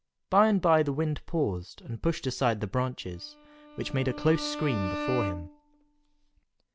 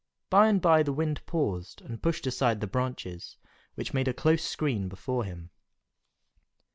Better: second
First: background sound (Bowed string instrument); 9 dB below the speech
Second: none

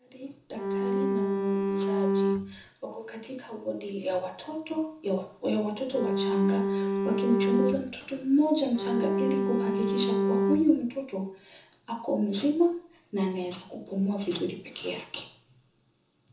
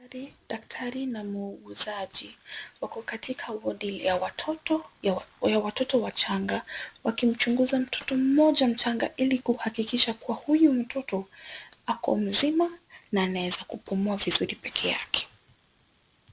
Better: second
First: background sound (Bowed string instrument); 3 dB above the speech // room echo; dies away in 0.6 s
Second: none

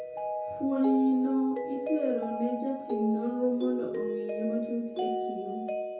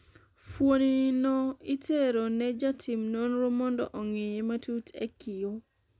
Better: second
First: background sound (Mallet percussion); 4 dB below the speech // room echo; dies away in 0.5 s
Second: none

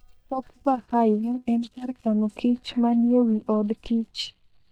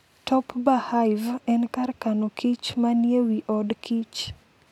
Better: second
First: noise reduction (neural mask model DeepFilterNet 3)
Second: none

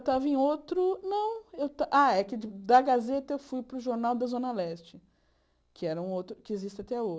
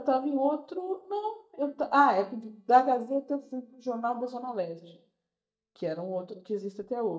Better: first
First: none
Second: noise reduction (neural mask model DeepFilterNet 3)

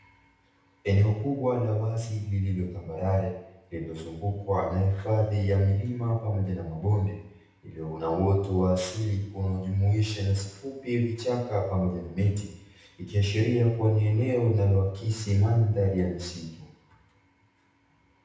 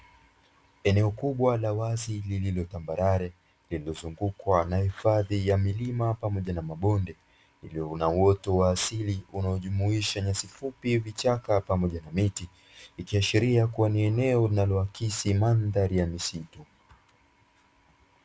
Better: second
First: room echo; dies away in 0.8 s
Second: none

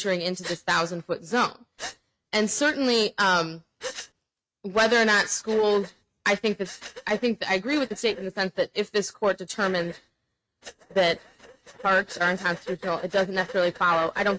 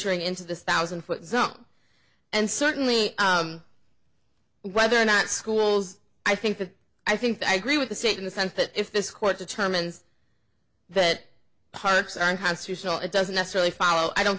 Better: second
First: noise reduction (neural mask model RNNoise)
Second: none

